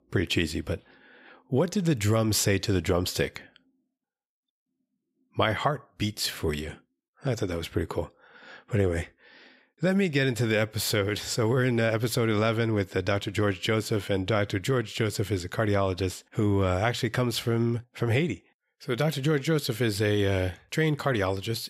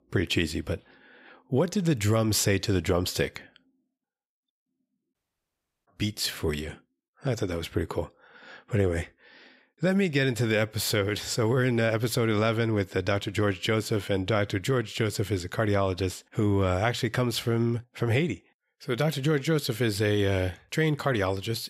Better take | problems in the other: first | audio cutting out; at 5 s for 0.5 s

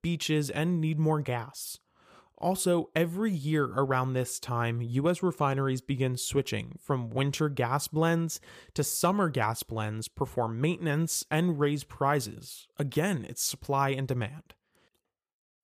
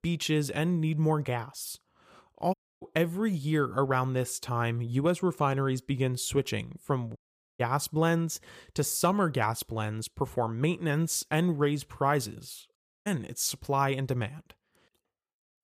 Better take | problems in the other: first | audio cutting out; at 2.5 s, at 7 s and at 13 s

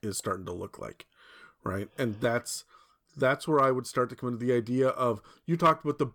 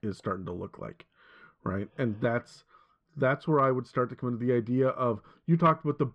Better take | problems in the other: first | muffled; slightly; fading above 2.5 kHz

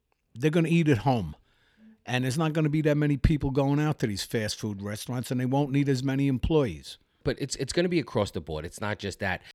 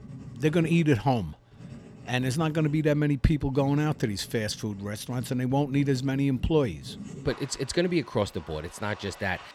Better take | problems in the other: first | household noises; noticeable; throughout; 20 dB below the speech

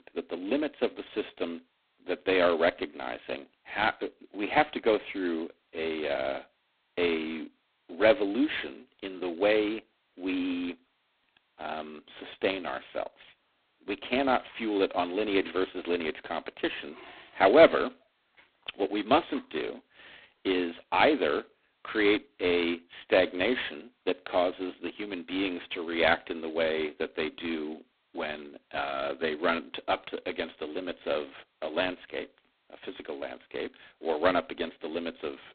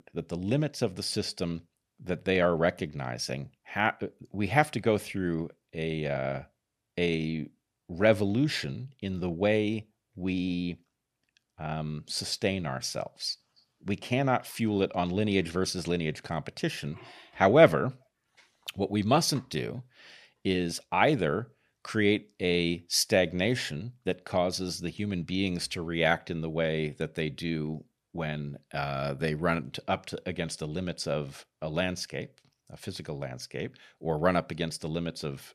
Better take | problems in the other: second | phone-call audio; poor line; nothing above 4 kHz

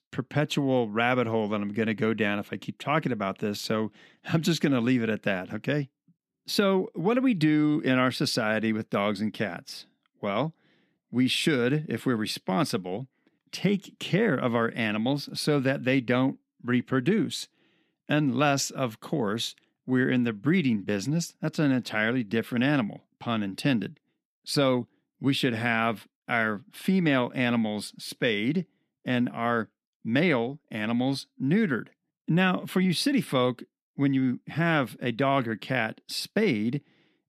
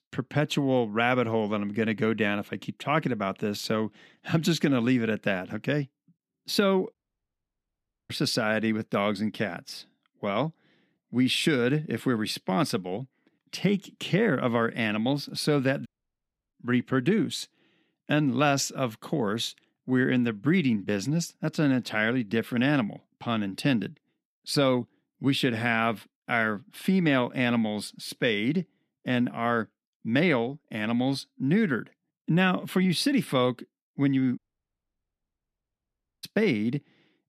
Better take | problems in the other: first | audio cutting out; at 7 s for 1 s, at 16 s for 0.5 s and at 34 s for 2 s

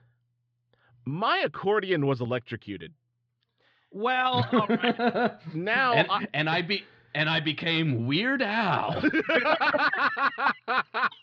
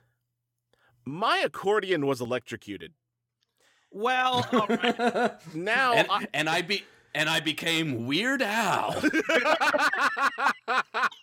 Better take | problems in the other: second | muffled; very slightly; fading above 4.5 kHz

